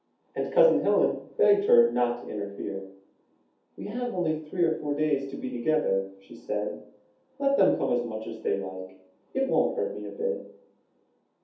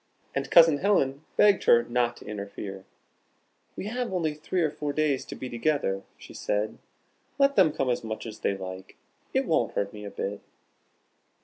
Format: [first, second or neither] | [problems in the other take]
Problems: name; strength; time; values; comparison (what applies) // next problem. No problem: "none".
second | room echo; dies away in 0.6 s